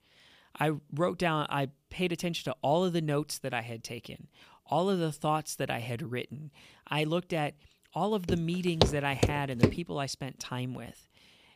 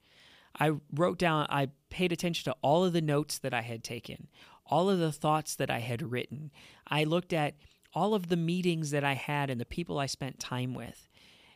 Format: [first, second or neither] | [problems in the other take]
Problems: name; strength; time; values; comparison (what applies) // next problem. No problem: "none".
second | footsteps; loud; from 8.5 to 9.5 s; peak 4 dB above the speech